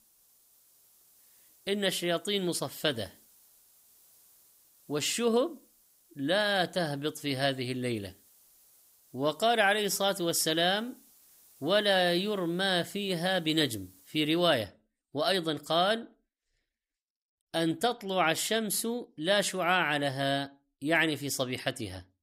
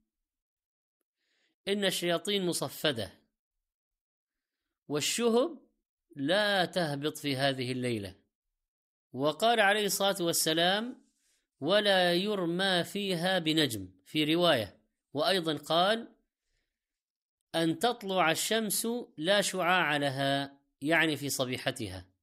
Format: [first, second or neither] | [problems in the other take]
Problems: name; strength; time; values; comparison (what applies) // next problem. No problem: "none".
second | hiss; faint; until 14 s; 30 dB below the speech